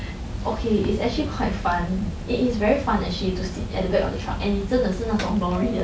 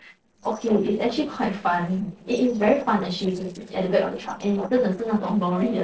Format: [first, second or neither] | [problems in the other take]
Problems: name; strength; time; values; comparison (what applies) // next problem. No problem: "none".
first | noise reduction (neural separator model SepFormer DNS4)